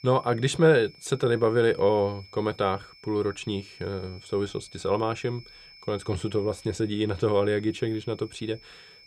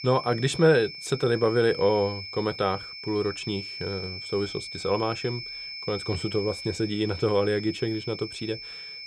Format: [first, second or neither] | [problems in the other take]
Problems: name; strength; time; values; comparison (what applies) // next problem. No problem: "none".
first | high-pitched whine; loud; throughout; 5.5 kHz, 9 dB below the speech; faint in the first